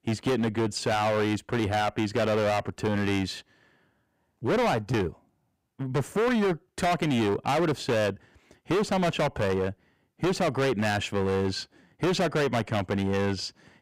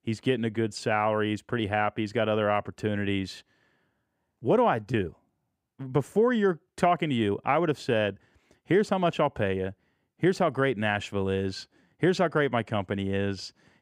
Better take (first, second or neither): second